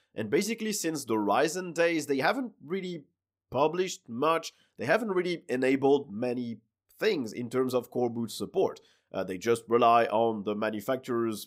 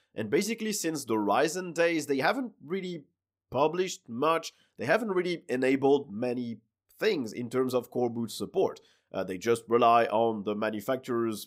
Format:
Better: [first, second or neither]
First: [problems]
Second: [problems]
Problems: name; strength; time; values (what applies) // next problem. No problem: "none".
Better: neither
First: none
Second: none